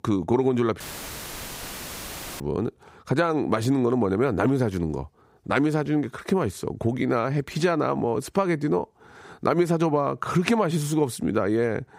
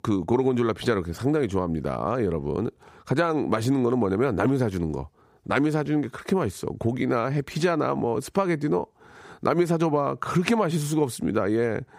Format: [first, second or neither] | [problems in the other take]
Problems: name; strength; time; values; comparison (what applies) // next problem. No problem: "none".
second | audio cutting out; filled with static; at 1 s for 1.5 s